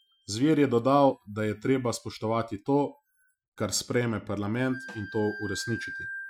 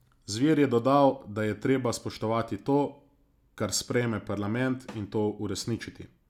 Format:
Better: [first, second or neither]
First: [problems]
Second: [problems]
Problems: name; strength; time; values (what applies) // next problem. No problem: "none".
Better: second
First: noise reduction (classical method Wiener filter)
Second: none